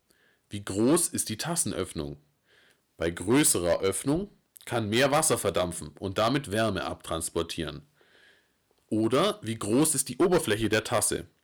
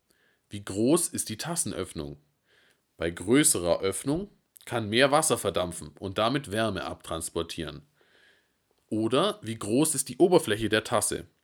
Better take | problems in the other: second | distortion; slight; 4% of the sound clipped

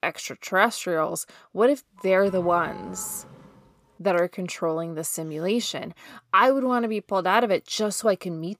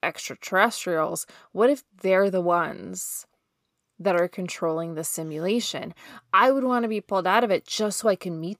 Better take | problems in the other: second | doorbell; faint; from 2 to 3.5 s; peak 15 dB below the speech

